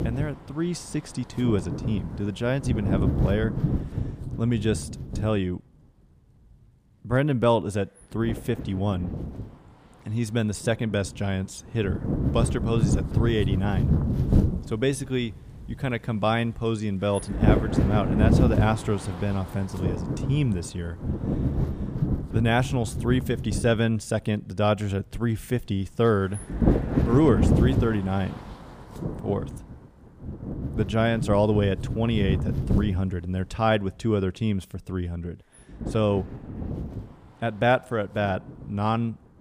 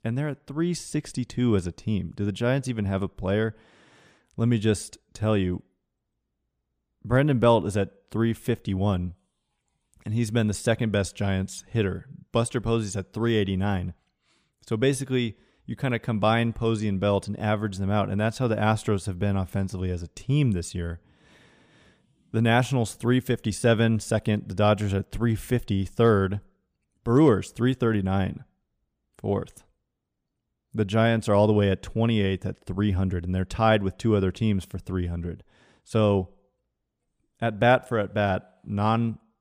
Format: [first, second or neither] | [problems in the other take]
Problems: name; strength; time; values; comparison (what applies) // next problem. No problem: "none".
second | wind noise on the microphone; heavy; 7 dB below the speech